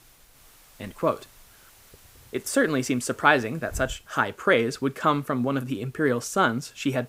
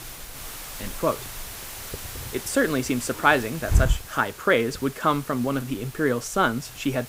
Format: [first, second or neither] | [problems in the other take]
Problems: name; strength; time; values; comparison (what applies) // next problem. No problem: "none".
first | hiss; loud; throughout; 9 dB below the speech; faint in the first